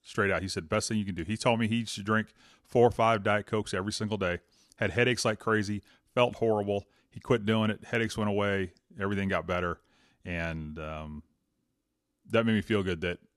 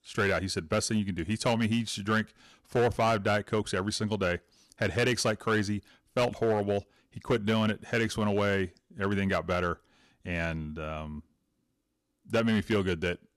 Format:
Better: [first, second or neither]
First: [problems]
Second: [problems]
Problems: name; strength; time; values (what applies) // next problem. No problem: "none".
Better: first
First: none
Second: distortion; slight; 6% of the sound clipped